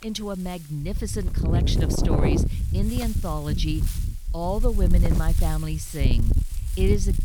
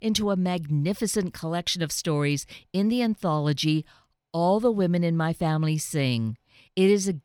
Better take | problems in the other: second | wind noise on the microphone; heavy; 3 dB below the speech

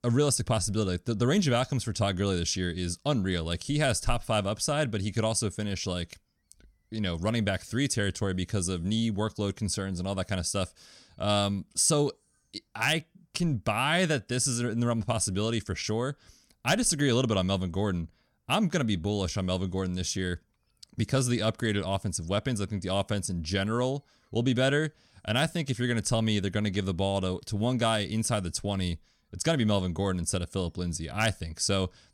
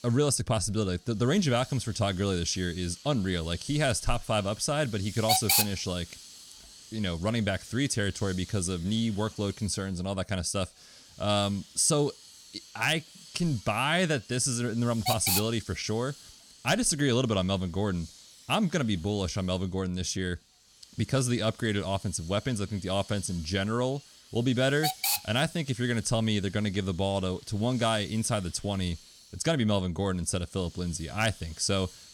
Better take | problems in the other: first | hiss; loud; throughout; 5 dB below the speech

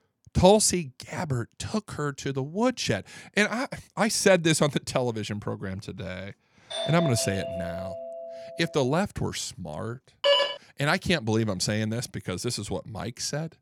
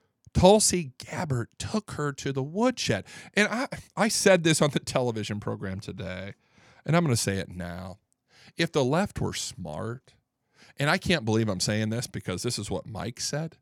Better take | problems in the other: second | doorbell; noticeable; from 6.5 to 9 s; peak 4 dB below the speech // phone ringing; loud; at 10 s; peak 5 dB above the speech

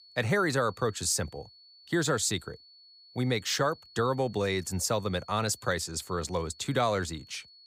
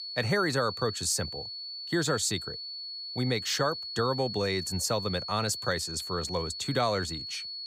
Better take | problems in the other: first | high-pitched whine; loud; throughout; 4.5 kHz, 6 dB below the speech; faint in the first

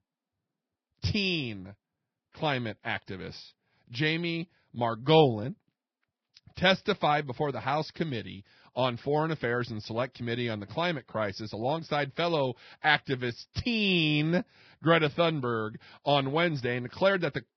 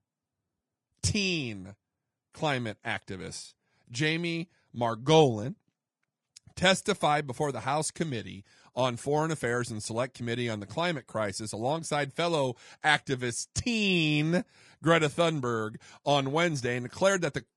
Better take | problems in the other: second | garbled, watery; badly; nothing above 5.5 kHz; slightly in the second

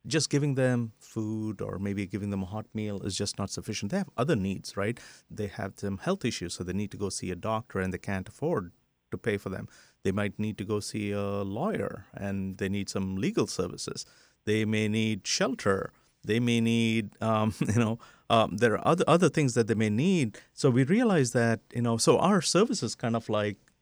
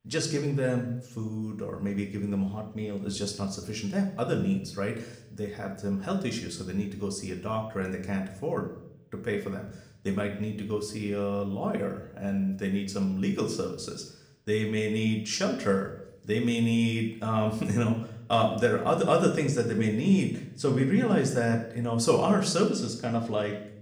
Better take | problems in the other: first | room echo; slight; dies away in 0.6 s // off-mic speech; somewhat distant

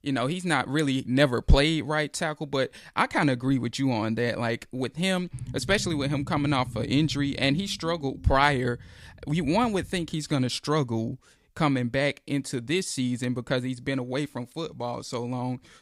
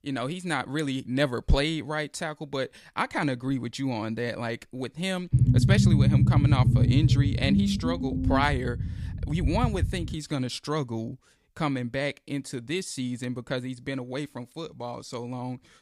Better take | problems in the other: first | low rumble; loud; from 5.5 to 10 s; 3 dB below the speech; faint in the first

